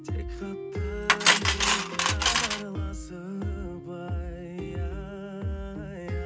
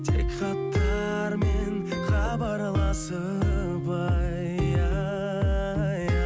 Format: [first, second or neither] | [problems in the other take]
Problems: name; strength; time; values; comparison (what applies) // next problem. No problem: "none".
second | background sound (Cutlery, silverware); 5 dB above the speech // room echo; dies away in 0.3 s